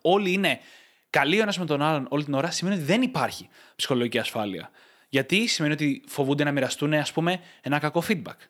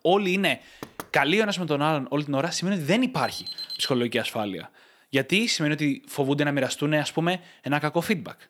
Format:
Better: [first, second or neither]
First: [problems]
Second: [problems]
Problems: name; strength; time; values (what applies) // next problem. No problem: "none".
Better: first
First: none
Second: door banging; faint; at 1 s; peak 15 dB below the speech // alarm; noticeable; at 3 s; peak 7 dB below the speech